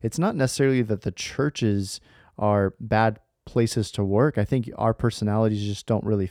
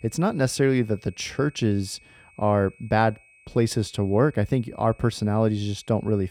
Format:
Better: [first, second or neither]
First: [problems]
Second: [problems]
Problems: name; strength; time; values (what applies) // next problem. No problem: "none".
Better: first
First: none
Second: high-pitched whine; faint; throughout; 2.5 kHz, 30 dB below the speech